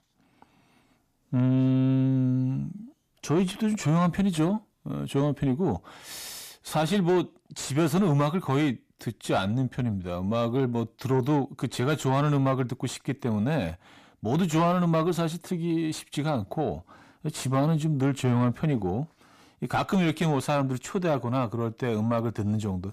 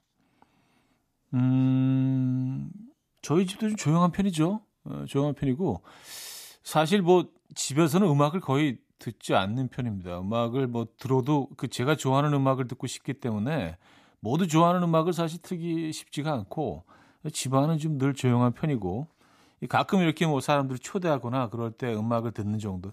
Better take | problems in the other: second | distortion; slight; 10 dB below the speech

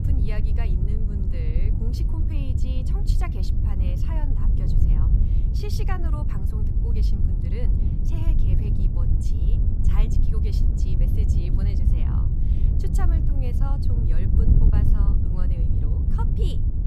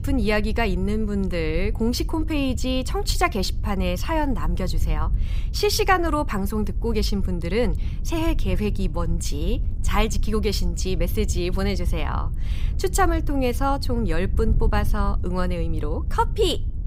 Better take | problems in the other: second | wind noise on the microphone; heavy; 2 dB above the speech; occasional gusts in the second

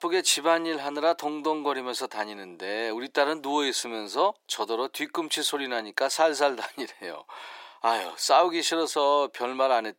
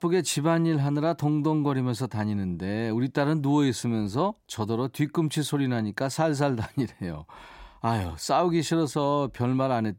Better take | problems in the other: second | thin; very; fading below 400 Hz

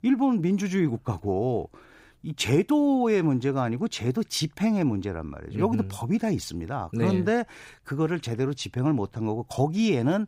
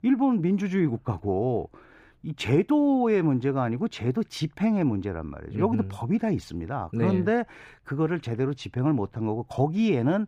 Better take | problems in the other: first | muffled; slightly; fading above 3.5 kHz

